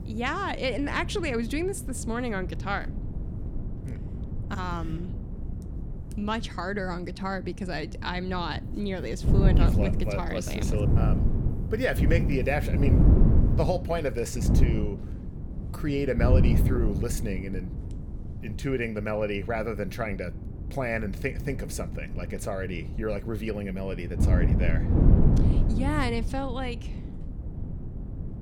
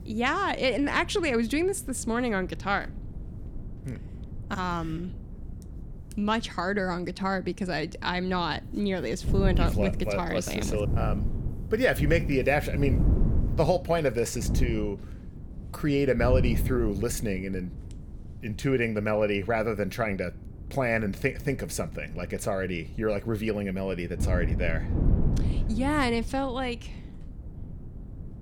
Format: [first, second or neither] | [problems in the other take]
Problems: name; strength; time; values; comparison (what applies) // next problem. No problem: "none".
second | wind noise on the microphone; heavy; 8 dB below the speech; occasional gusts in the second